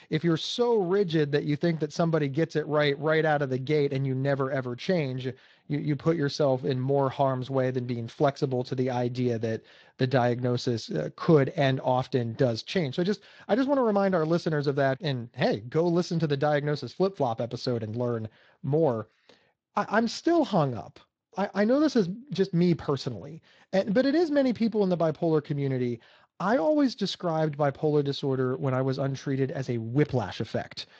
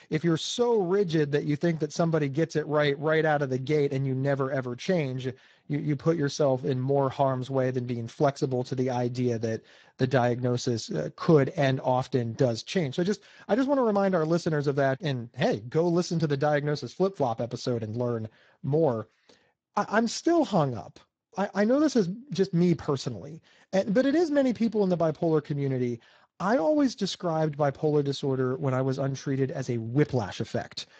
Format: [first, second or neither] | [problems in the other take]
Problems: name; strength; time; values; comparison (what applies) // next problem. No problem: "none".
first | garbled, watery; badly; nothing above 7.5 kHz; slightly in the first